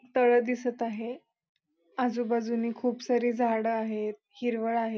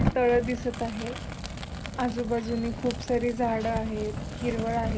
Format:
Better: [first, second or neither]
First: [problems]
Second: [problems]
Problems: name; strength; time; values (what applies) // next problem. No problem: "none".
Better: first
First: none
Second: background sound (Fire); 4 dB below the speech